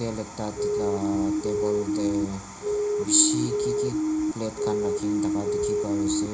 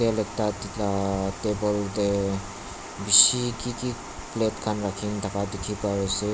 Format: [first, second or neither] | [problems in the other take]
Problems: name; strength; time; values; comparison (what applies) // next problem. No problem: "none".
second | background sound (Siren); 3 dB above the speech // room echo; dies away in 0.4 s